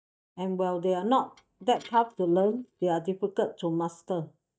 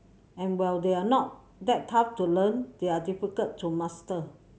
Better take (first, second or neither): second